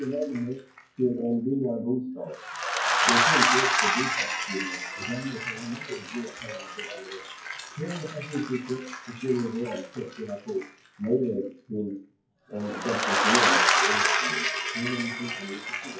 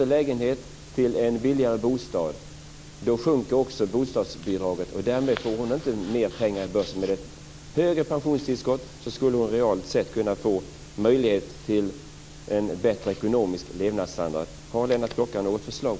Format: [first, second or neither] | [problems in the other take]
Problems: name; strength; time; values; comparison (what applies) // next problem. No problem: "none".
second | noise reduction (classical method WPE with log-MMSE)